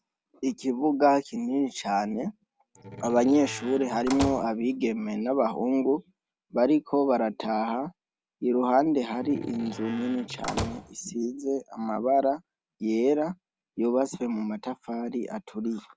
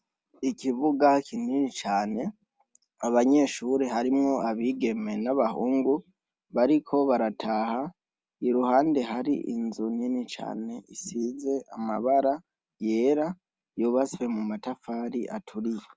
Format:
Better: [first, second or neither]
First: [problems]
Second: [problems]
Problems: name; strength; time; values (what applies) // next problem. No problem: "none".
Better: second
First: background sound (Slam); 10 dB below the speech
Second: none